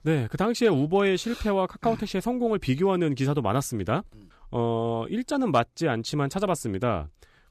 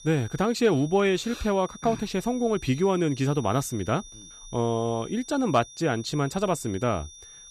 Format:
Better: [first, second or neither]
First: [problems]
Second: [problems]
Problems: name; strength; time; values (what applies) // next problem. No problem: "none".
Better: first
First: none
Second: high-pitched whine; noticeable; throughout; 6 kHz, 20 dB below the speech